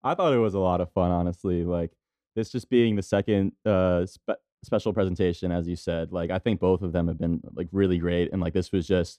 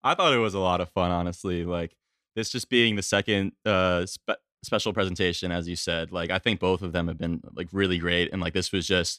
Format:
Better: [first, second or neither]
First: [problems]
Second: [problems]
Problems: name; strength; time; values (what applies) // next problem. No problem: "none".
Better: second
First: muffled; slightly; fading above 1 kHz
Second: none